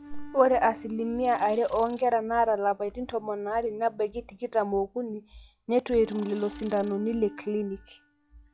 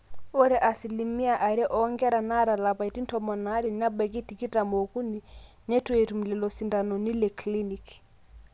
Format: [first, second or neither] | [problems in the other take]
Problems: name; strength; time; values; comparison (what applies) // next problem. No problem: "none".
second | noise reduction (classical method log-MMSE)